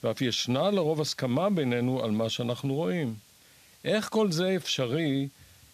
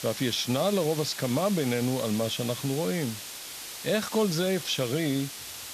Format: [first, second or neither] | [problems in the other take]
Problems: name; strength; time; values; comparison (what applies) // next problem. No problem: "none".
first | hiss; loud; throughout; 9 dB below the speech; faint in the first